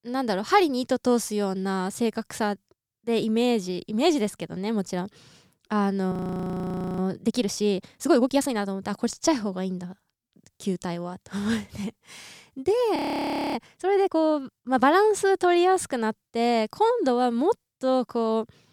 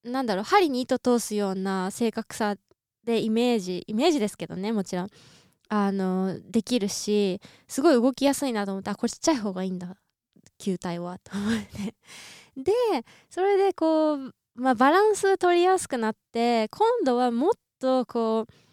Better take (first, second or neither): second